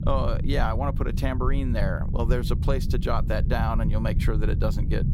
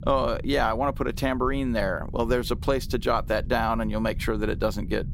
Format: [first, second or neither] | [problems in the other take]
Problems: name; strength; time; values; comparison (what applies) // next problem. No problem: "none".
second | low rumble; loud; throughout; 10 dB below the speech; faint in the second